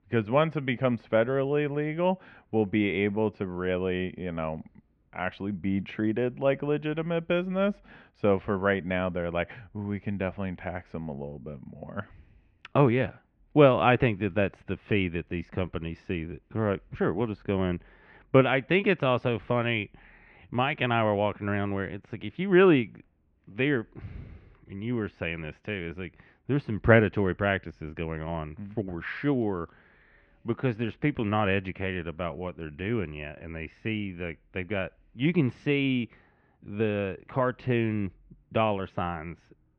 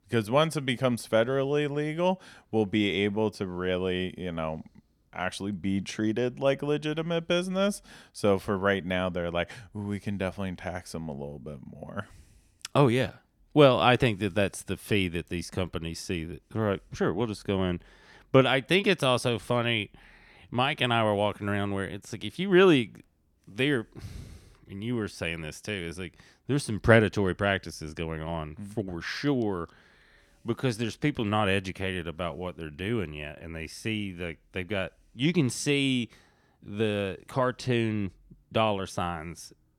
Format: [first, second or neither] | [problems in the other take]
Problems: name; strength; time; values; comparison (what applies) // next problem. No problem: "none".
second | muffled; very; fading above 2.5 kHz